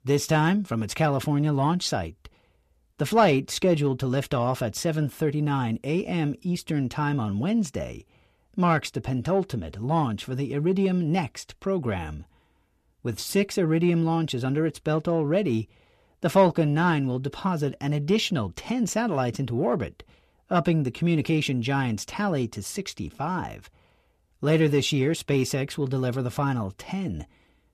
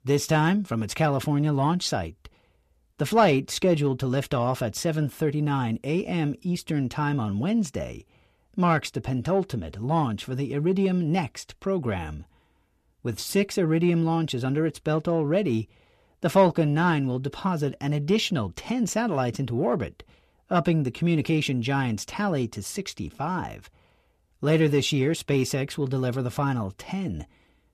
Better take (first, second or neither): neither